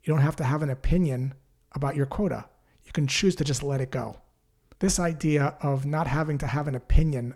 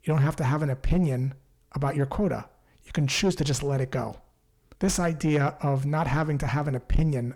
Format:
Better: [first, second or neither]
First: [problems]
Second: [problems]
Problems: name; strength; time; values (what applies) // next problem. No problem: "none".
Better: first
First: none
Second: distortion; slight; 10 dB below the speech